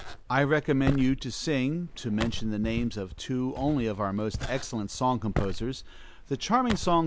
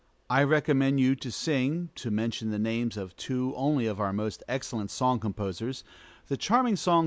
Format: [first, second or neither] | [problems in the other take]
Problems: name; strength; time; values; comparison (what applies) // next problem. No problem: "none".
second | background sound (Walk, footsteps); 8 dB below the speech